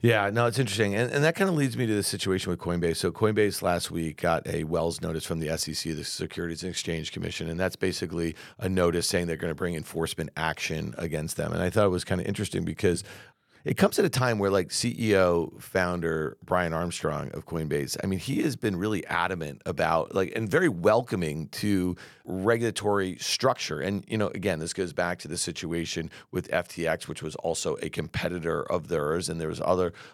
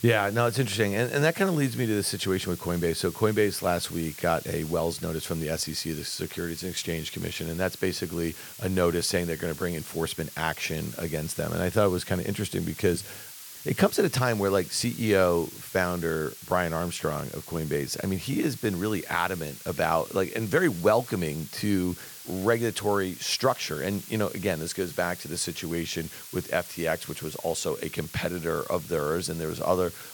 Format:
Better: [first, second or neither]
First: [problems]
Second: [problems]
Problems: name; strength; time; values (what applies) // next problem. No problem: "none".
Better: first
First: none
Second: hiss; noticeable; throughout; 15 dB below the speech